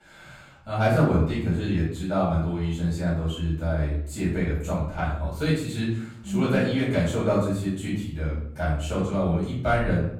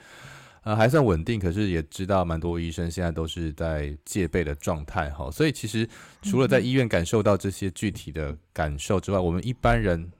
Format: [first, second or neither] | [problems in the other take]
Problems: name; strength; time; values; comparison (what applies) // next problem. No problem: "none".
second | off-mic speech; far // room echo; noticeable; dies away in 0.6 s